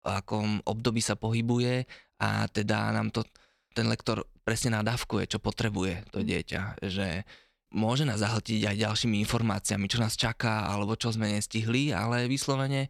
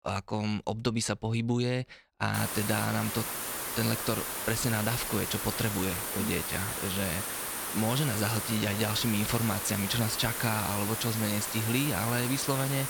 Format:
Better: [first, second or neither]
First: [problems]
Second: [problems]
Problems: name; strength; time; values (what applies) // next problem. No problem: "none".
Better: first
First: none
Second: hiss; loud; from 2.5 s on; 2 dB below the speech